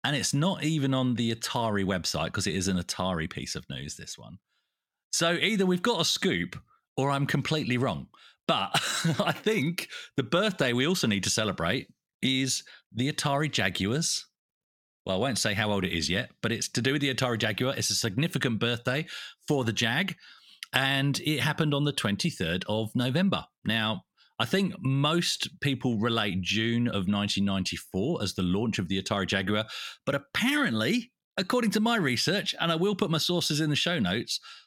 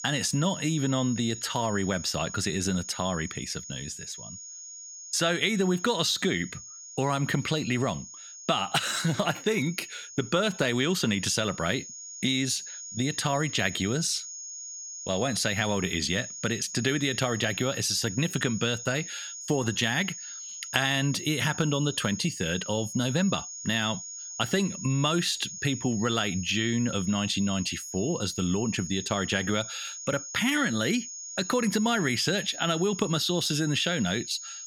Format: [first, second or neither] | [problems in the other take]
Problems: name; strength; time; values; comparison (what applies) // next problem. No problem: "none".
first | high-pitched whine; noticeable; throughout; 6.5 kHz, 10 dB below the speech